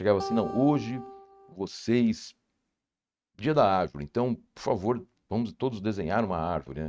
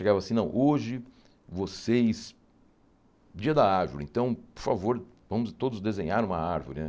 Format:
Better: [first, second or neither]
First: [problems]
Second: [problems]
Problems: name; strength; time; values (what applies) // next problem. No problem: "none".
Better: second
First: noise reduction (neural mask model RNNoise)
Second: none